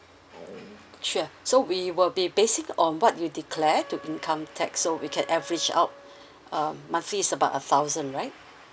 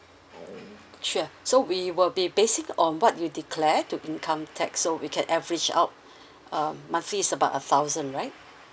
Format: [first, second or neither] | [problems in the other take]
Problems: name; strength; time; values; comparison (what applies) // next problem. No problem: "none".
second | background sound (Wind instrument, woodwind instrument); 20 dB below the speech